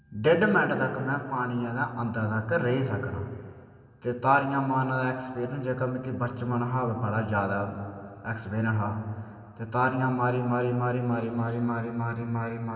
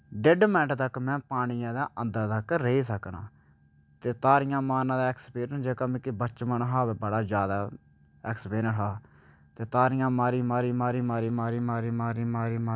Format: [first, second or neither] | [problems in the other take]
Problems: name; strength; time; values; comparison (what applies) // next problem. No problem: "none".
second | room echo; dies away in 2.7 s